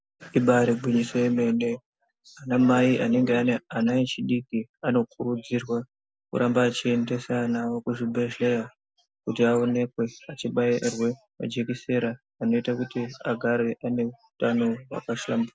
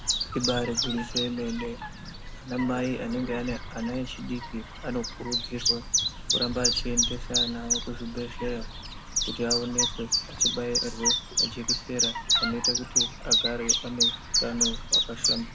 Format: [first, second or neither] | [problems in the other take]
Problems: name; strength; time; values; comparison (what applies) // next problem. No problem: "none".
first | background sound (Chirp, tweet); 4 dB above the speech